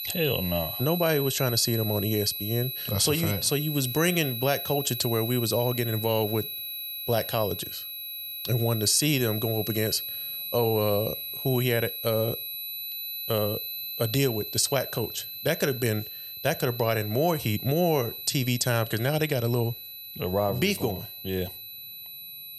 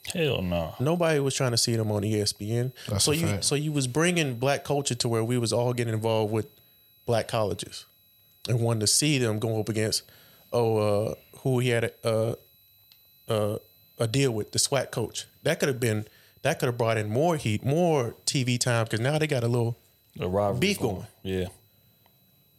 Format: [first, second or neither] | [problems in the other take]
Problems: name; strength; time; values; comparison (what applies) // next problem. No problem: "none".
second | high-pitched whine; loud; throughout; 12 kHz, 6 dB below the speech; faint in the second